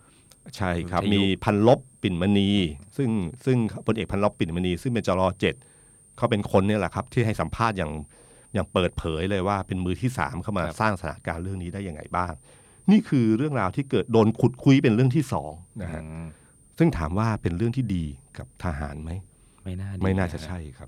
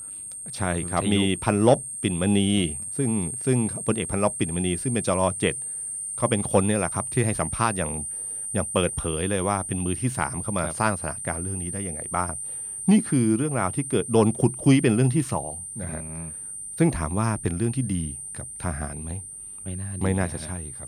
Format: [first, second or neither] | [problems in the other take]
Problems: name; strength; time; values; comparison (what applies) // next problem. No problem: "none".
first | high-pitched whine; loud; throughout; 9 kHz, 6 dB below the speech; faint in the first